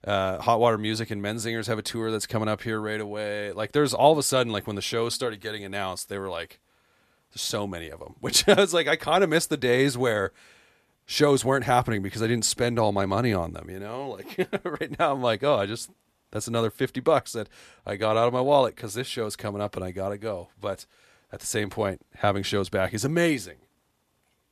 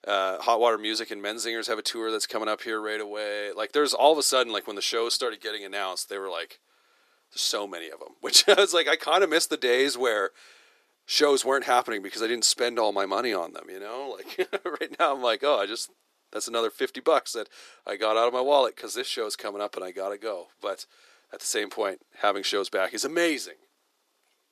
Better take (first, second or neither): first